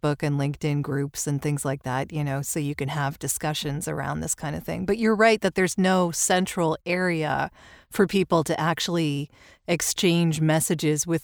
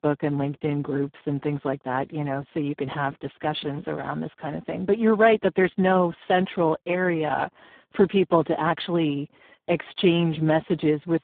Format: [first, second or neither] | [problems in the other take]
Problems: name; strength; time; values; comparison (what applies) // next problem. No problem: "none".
first | phone-call audio; poor line